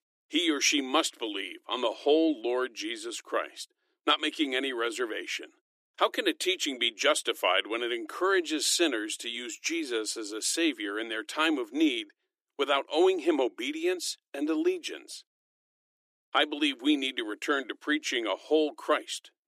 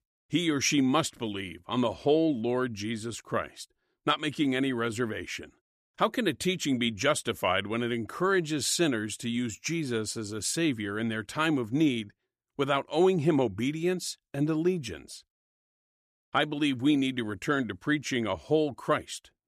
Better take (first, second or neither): second